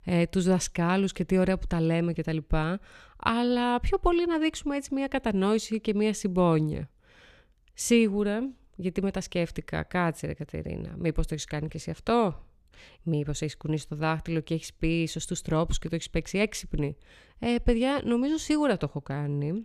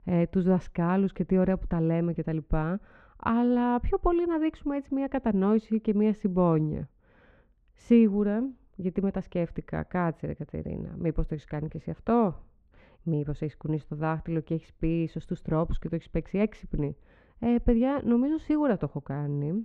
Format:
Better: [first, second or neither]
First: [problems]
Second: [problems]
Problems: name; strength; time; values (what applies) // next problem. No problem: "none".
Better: first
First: none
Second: muffled; very; fading above 3.5 kHz